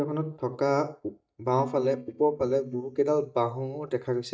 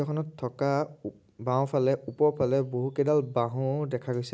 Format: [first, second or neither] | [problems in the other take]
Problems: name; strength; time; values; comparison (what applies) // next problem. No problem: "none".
second | noise reduction (neural mask model DeepFilterNet 3)